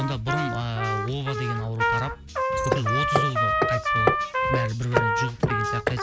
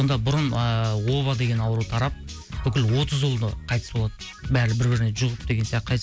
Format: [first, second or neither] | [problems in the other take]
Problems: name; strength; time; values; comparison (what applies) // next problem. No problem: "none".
second | background sound (Hammer + Trumpet); 3 dB above the speech